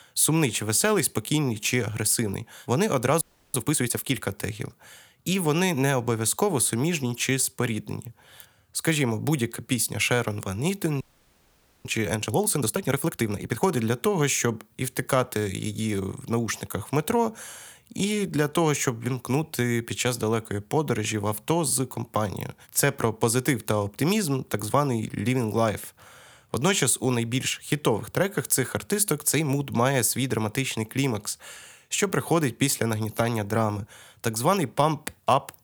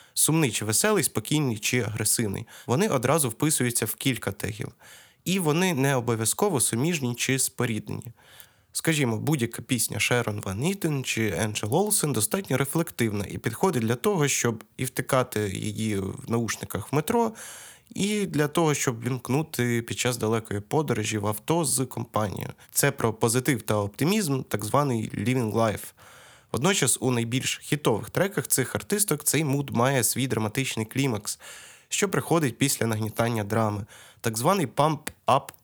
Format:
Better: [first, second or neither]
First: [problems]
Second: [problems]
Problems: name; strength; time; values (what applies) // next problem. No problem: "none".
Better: second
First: audio freezing; at 3 s and at 11 s for 1 s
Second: none